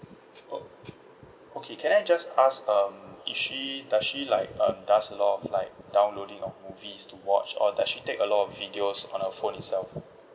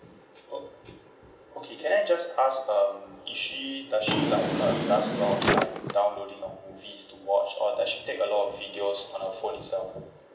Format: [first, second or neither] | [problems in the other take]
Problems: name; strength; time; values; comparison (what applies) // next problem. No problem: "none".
first | background sound (Drawer open or close); as loud as the speech // room echo; dies away in 0.5 s